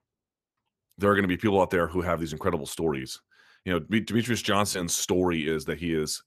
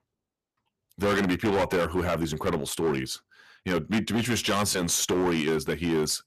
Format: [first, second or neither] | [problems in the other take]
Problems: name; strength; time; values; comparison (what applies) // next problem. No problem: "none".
first | distortion; heavy; 12% of the sound clipped